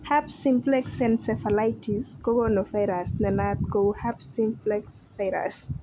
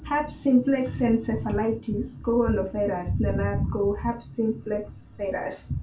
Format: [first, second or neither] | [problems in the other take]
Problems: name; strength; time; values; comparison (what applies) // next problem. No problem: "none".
first | room echo; dies away in 0.2 s